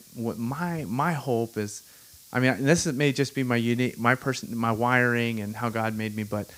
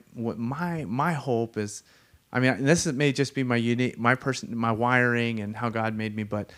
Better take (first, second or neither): second